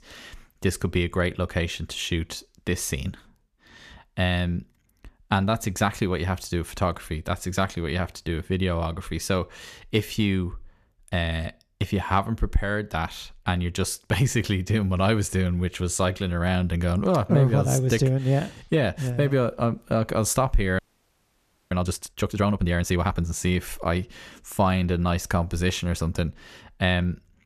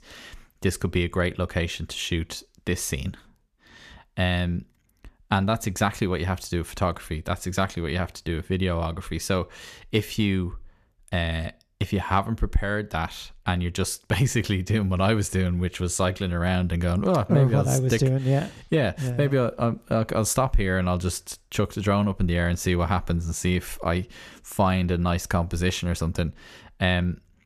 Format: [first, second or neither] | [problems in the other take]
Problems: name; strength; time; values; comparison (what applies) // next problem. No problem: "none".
second | audio freezing; at 21 s for 1 s